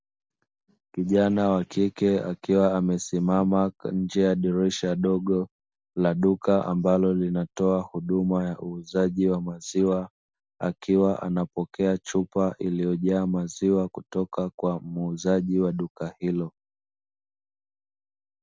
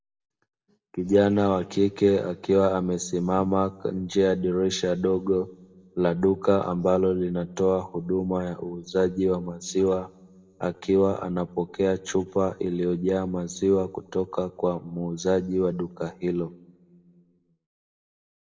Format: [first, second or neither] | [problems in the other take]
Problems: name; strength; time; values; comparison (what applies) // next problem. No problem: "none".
first | room echo; dies away in 0.9 s